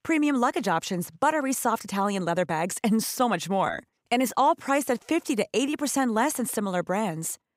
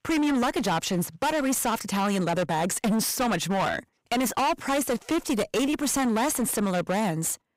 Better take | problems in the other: first | distortion; heavy; 25% of the sound clipped

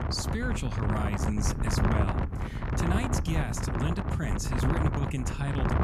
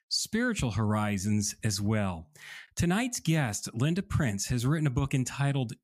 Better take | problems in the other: second | wind noise on the microphone; heavy; 2 dB above the speech

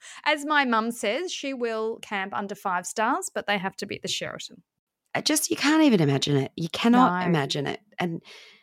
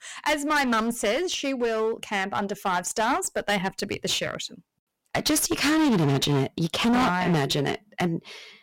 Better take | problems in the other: first | distortion; heavy; 16% of the sound clipped

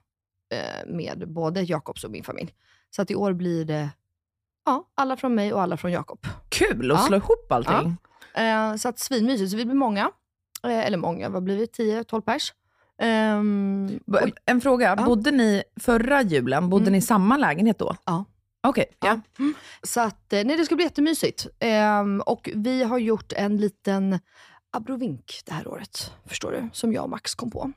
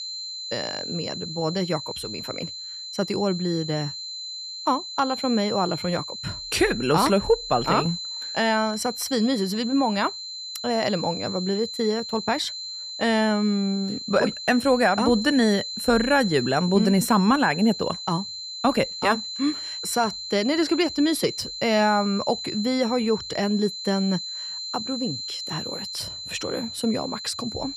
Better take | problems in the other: first | high-pitched whine; loud; throughout; 4 kHz, 7 dB below the speech

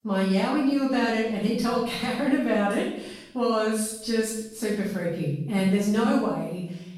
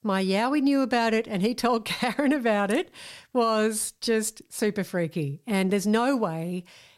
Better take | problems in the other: second | off-mic speech; far // room echo; noticeable; dies away in 0.8 s

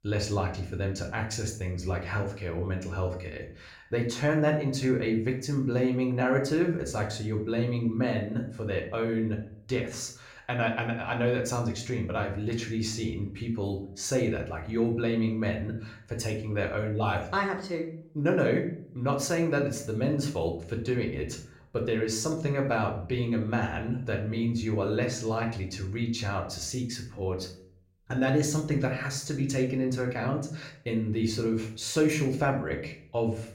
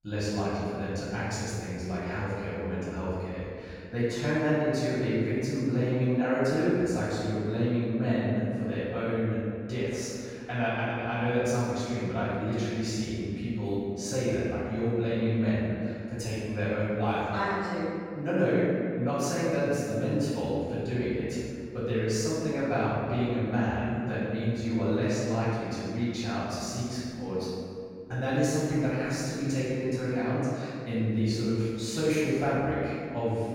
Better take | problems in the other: first | room echo; strong; dies away in 2.2 s; slight in the first // off-mic speech; far; somewhat distant in the first

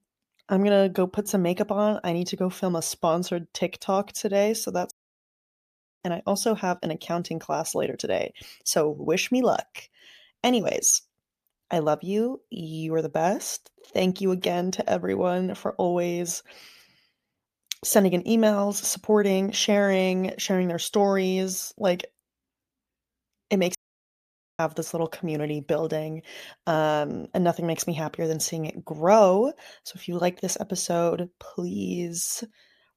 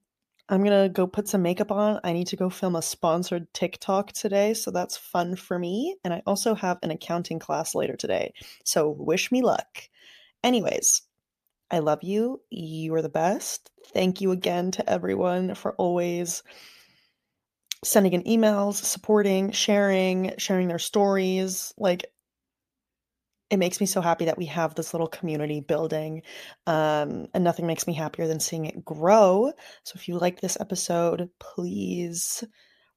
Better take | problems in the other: second | audio cutting out; at 5 s for 1 s and at 24 s for 1 s

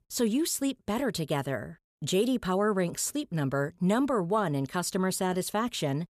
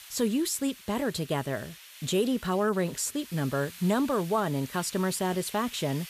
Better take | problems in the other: first | hiss; noticeable; throughout; 15 dB below the speech

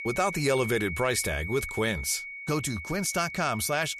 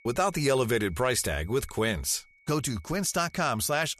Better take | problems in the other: second | high-pitched whine; loud; throughout; 2 kHz, 8 dB below the speech; faint in the second

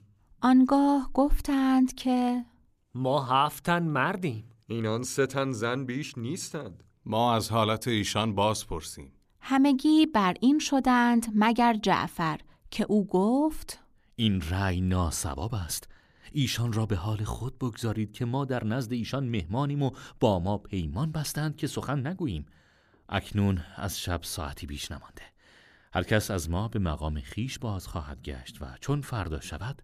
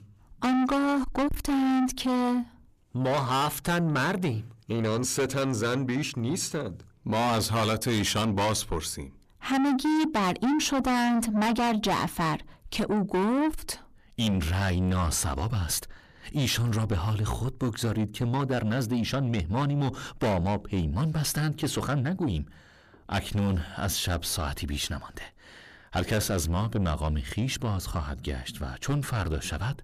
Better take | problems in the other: first | distortion; heavy; 6 dB below the speech

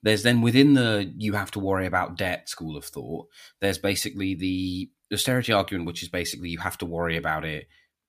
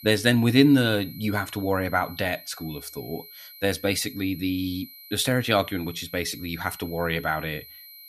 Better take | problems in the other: first | high-pitched whine; noticeable; throughout; 4 kHz, 20 dB below the speech

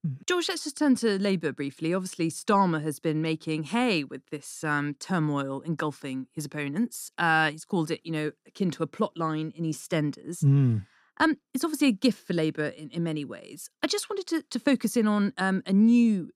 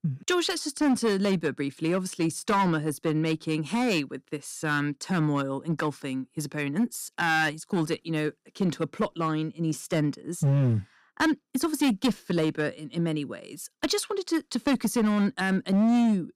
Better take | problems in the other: first | distortion; slight; 8% of the sound clipped

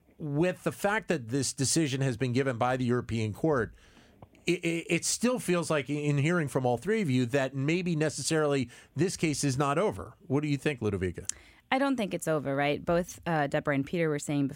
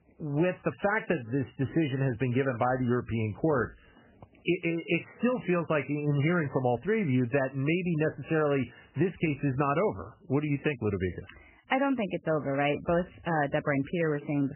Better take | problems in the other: first | garbled, watery; badly; nothing above 3 kHz

